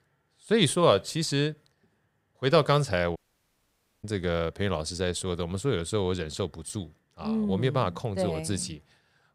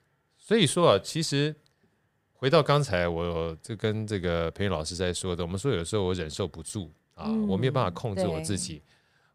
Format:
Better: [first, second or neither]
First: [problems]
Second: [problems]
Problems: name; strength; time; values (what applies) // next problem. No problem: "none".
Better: second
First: audio cutting out; at 3 s for 1 s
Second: none